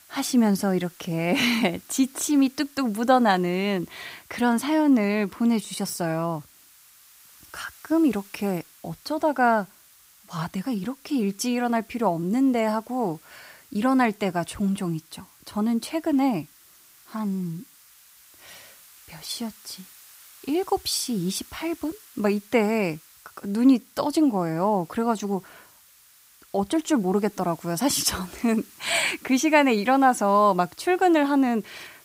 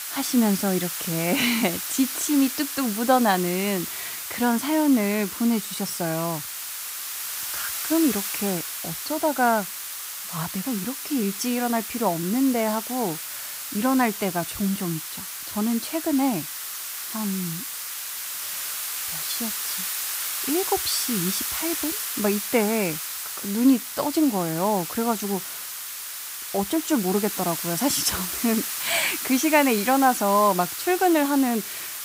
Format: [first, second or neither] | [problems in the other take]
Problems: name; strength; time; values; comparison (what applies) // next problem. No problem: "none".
first | hiss; loud; throughout; 5 dB below the speech; faint in the first